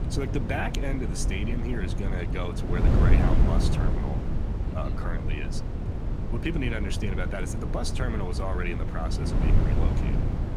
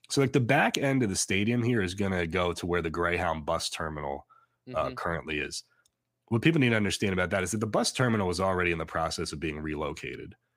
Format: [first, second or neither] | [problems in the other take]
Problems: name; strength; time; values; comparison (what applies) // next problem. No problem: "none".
second | wind noise on the microphone; heavy; 2 dB below the speech